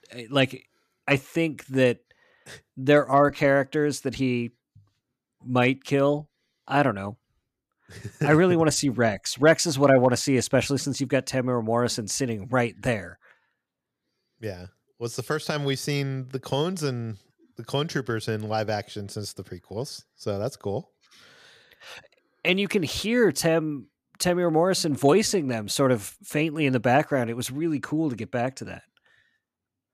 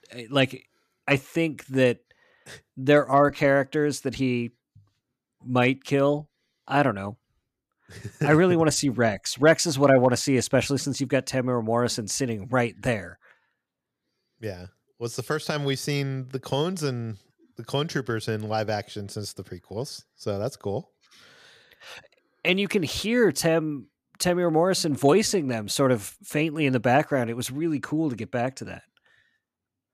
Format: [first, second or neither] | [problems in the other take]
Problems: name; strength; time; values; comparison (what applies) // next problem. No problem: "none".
neither | none